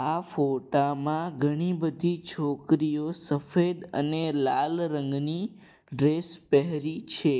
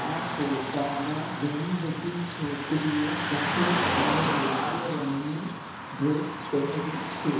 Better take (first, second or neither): first